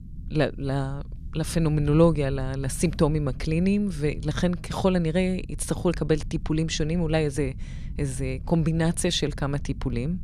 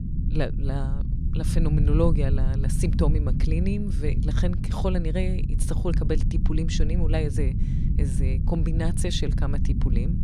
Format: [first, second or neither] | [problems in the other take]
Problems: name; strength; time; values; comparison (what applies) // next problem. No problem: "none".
first | low rumble; loud; throughout; 6 dB below the speech; faint in the first